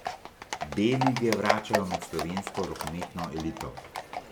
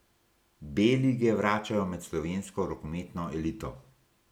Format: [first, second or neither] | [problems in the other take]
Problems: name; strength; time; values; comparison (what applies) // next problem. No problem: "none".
second | background sound (Livestock, farm animals, working animals); 3 dB below the speech